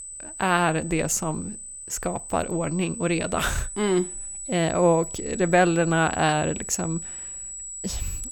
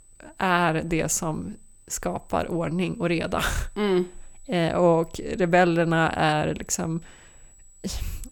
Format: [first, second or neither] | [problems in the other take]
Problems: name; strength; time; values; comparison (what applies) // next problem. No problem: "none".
second | high-pitched whine; loud; throughout; 8 kHz, 9 dB below the speech; faint in the second